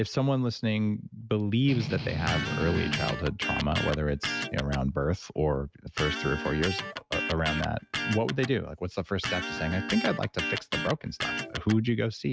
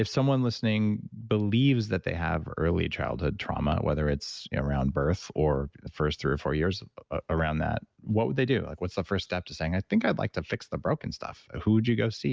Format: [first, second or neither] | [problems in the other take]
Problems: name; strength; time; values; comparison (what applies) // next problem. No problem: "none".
second | background sound (Electric guitar + Strum); 4 dB below the speech